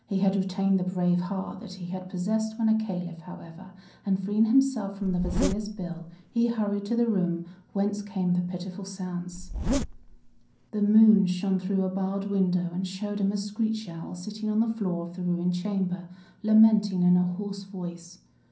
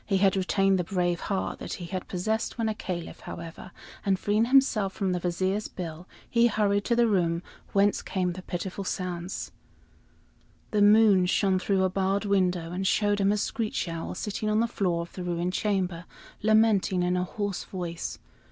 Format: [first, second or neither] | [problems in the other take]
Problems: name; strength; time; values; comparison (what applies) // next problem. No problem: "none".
second | background sound (Zipper (clothing)); 5 dB below the speech // room echo; dies away in 0.6 s